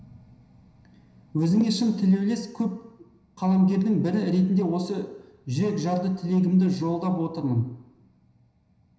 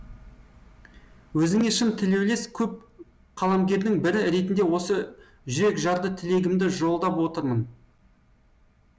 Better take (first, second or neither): second